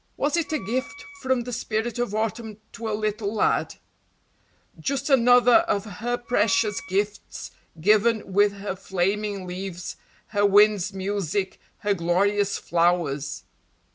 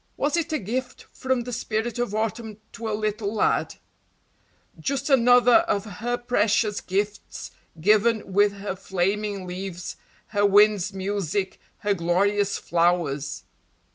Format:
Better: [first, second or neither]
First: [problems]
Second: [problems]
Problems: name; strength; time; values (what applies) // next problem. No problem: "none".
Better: second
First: background sound (Wind instrument, woodwind instrument); 19 dB below the speech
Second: none